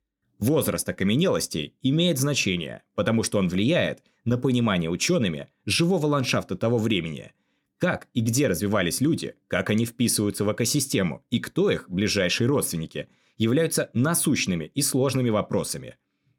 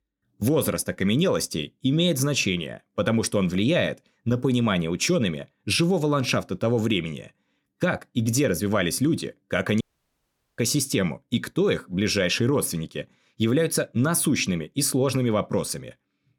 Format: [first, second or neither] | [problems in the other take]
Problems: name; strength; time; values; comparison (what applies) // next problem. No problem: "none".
first | audio cutting out; at 10 s for 1 s